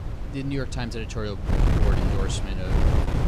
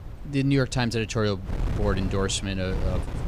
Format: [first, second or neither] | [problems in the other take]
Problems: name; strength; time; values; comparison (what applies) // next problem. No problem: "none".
second | wind noise on the microphone; heavy; 1 dB above the speech; occasional gusts in the second